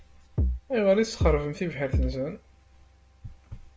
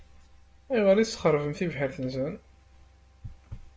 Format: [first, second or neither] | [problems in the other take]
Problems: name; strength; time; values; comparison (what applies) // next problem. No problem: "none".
second | background sound (Bass drum); 2 dB above the speech